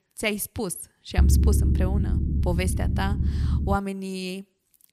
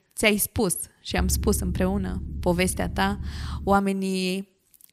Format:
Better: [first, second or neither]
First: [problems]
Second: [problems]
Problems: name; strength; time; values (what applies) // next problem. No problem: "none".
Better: second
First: low rumble; loud; from 1 to 4 s; 6 dB below the speech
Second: low rumble; faint; from 1 to 4 s; 20 dB below the speech